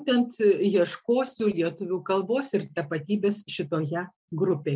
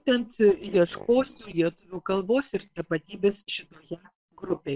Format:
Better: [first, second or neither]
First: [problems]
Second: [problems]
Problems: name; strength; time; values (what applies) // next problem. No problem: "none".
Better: first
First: none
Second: noise reduction (neural separator model SepFormer WHAM!)